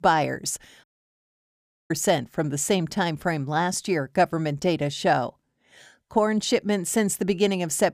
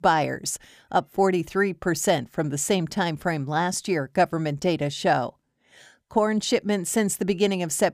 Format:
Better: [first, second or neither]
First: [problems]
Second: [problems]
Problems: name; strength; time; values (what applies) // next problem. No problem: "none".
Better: second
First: audio cutting out; at 1 s for 1 s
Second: none